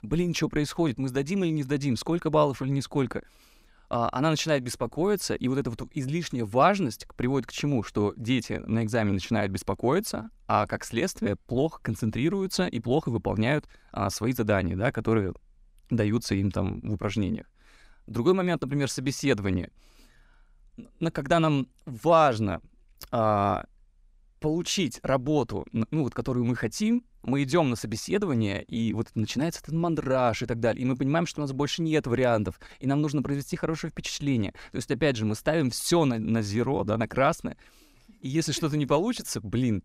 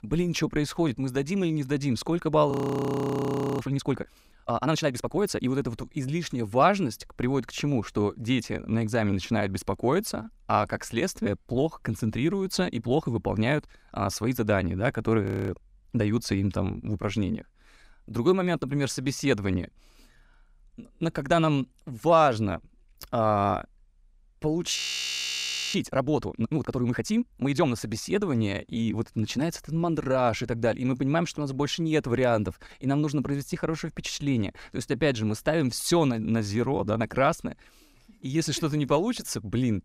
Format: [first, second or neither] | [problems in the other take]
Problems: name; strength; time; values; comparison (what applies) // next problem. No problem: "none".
first | audio freezing; at 2.5 s for 1 s, at 15 s and at 25 s for 1 s